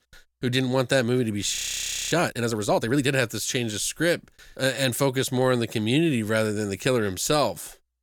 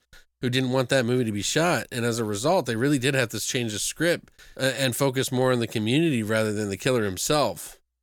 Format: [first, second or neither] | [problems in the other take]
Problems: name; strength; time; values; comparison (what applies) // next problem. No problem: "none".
second | audio freezing; at 1.5 s for 0.5 s